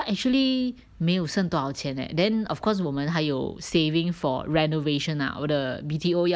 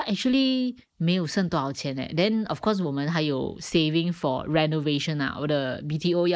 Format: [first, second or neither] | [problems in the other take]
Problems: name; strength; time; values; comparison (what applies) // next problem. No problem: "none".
first | noise reduction (neural mask model Resemble Enhance denoiser)